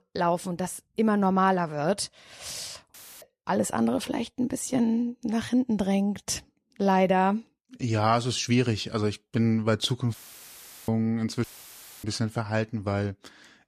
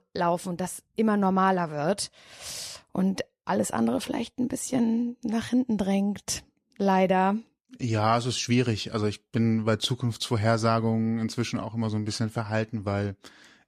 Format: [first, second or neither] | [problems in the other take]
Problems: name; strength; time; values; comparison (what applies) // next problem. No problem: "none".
second | audio cutting out; filled with static; at 3 s, at 10 s for 0.5 s and at 11 s for 0.5 s